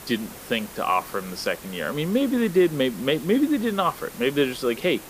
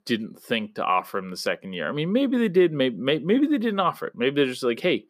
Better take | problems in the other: second | hiss; noticeable; throughout; 15 dB below the speech

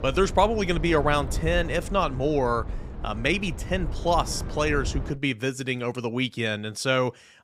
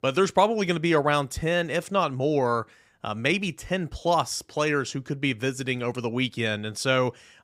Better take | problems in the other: second | wind noise on the microphone; occasional gusts; until 5 s; 15 dB below the speech

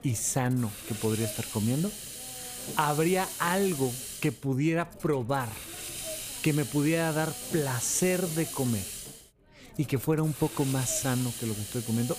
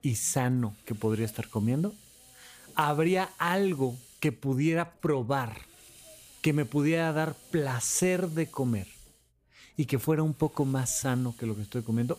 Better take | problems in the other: second | hiss; loud; throughout; 7 dB below the speech; faint in the second

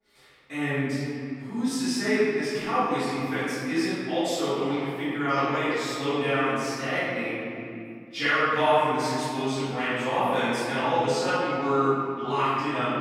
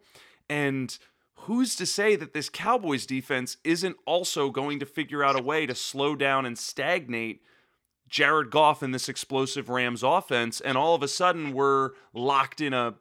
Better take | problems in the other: second | off-mic speech; far // room echo; strong; dies away in 2.6 s

